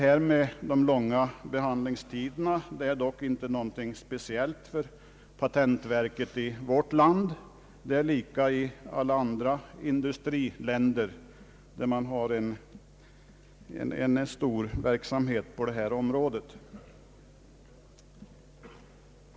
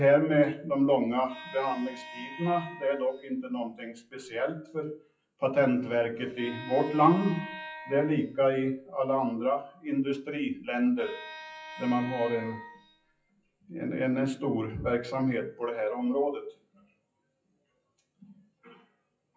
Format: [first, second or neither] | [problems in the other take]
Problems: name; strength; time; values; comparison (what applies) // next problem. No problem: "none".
first | noise reduction (classical method WPE with log-MMSE)